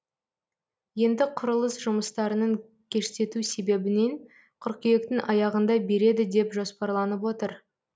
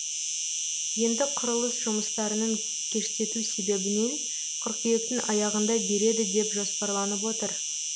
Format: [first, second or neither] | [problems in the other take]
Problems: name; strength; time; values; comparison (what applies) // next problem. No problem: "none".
first | background sound (Insect); 1 dB below the speech